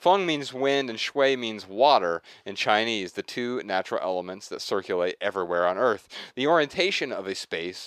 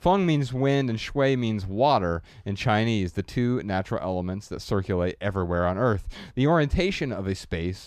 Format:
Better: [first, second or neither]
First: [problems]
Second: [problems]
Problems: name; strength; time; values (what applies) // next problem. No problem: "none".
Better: second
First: thin; somewhat; fading below 450 Hz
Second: none